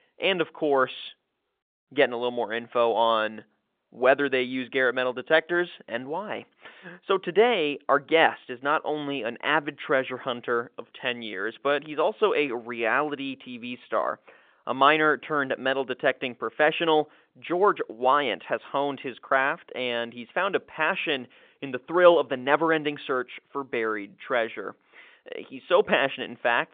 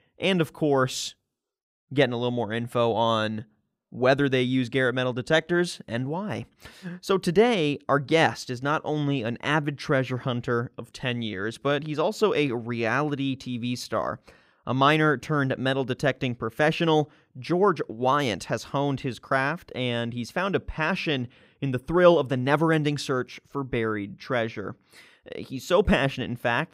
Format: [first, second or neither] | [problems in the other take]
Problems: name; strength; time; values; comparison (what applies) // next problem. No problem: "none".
second | phone-call audio